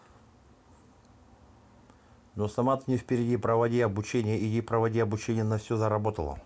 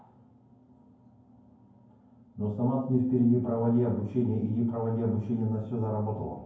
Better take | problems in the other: first | room echo; dies away in 0.9 s

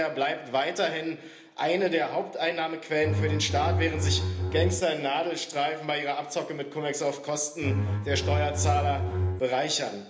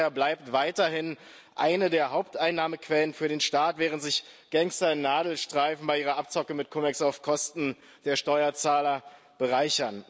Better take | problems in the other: second | background sound (Bowed string instrument); 2 dB above the speech // room echo; dies away in 0.8 s

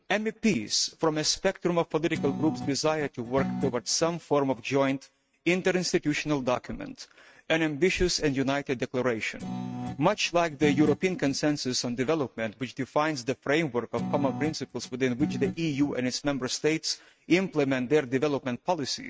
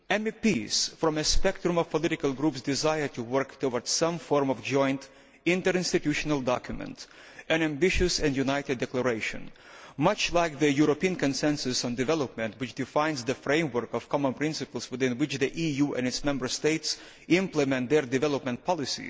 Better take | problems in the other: second | noise reduction (neural mask model RNNoise)

